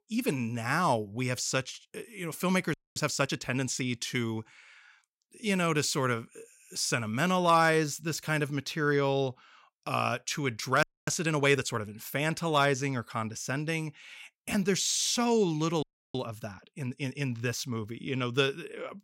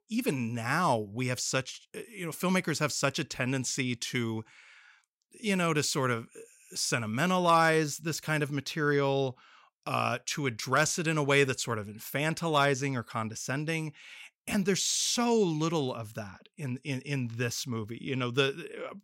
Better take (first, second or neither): second